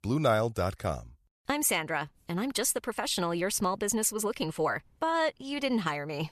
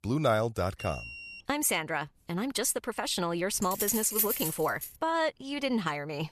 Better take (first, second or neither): first